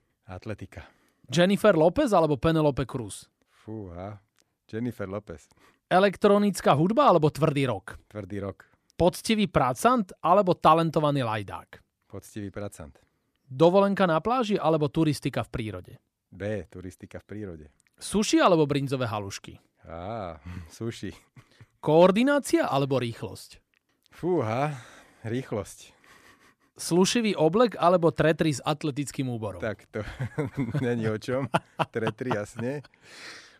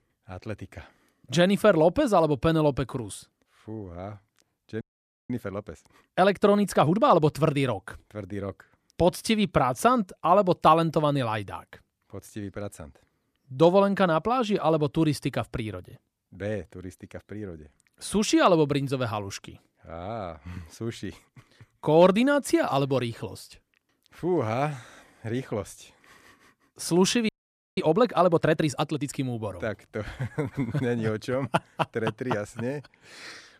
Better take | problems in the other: first | audio freezing; at 5 s and at 27 s

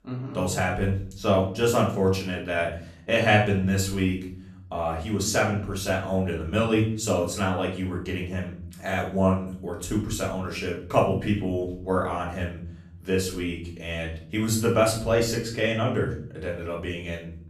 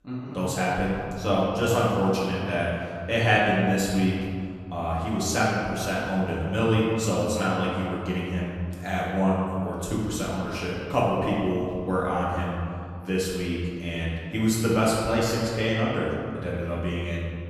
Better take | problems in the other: first | room echo; strong; dies away in 2.2 s; slight in the first // off-mic speech; far; far in the first

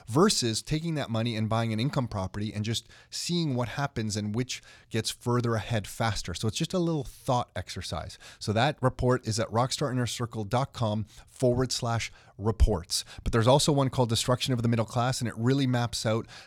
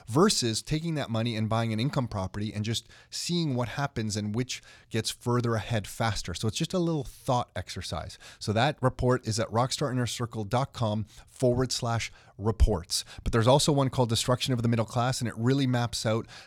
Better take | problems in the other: neither | none

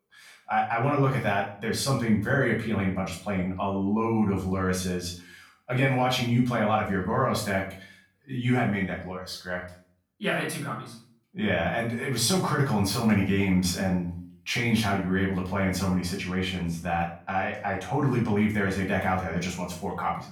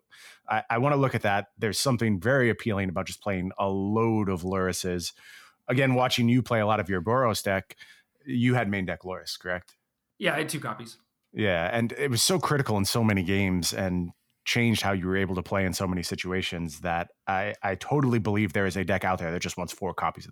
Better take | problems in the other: second | off-mic speech; far // room echo; noticeable; dies away in 0.4 s

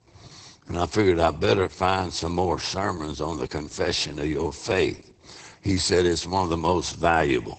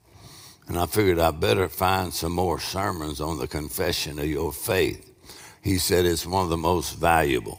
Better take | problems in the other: second | garbled, watery; badly; nothing above 8 kHz

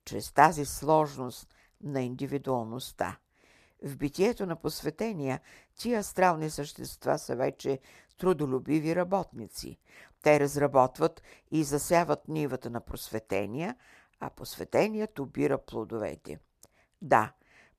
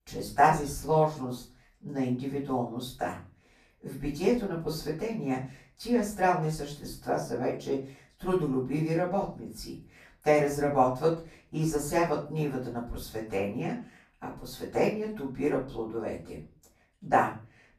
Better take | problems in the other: first | off-mic speech; far // room echo; slight; dies away in 0.3 s

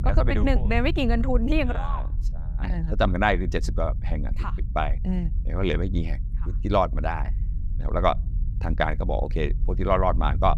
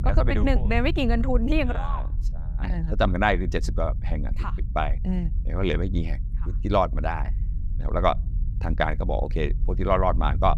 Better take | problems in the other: neither | low rumble; faint; throughout; 20 dB below the speech; the same in both

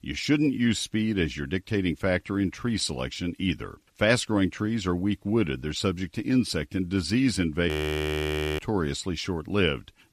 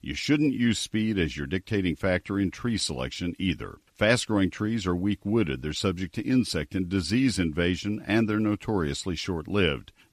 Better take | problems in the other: second | audio freezing; at 7.5 s for 1 s

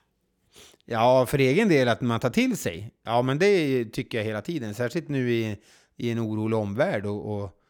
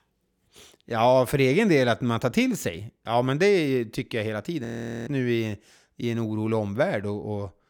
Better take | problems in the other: first | audio freezing; at 4.5 s

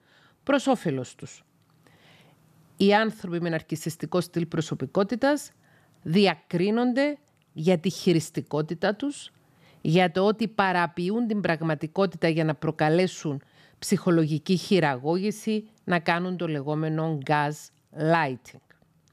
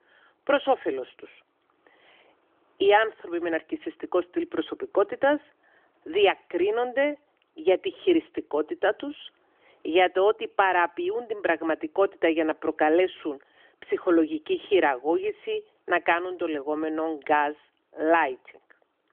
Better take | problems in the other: first | phone-call audio; nothing above 3.5 kHz

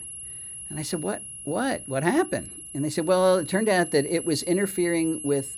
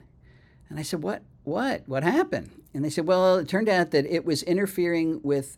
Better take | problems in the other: second | high-pitched whine; noticeable; throughout; 11 kHz, 10 dB below the speech

